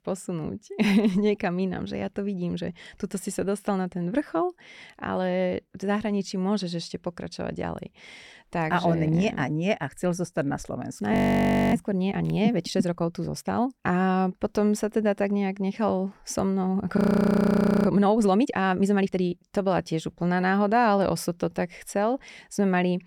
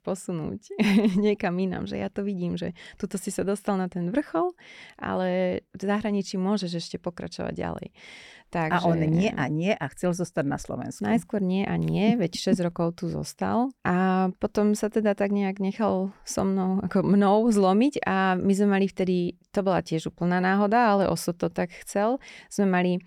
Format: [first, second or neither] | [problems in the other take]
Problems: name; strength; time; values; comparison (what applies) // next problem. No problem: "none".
second | audio freezing; at 11 s for 0.5 s and at 17 s for 1 s